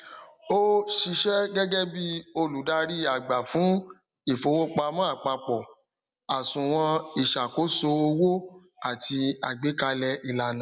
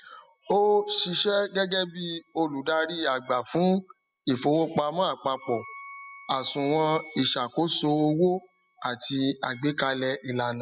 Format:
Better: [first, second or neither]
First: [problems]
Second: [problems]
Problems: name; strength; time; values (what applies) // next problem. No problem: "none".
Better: first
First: none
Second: noise reduction (classical method spectral subtraction)